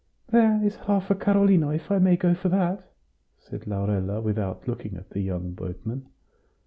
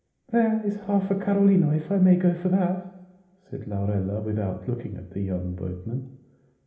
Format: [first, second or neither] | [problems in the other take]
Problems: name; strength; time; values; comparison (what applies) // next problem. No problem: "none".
first | room echo; dies away in 1 s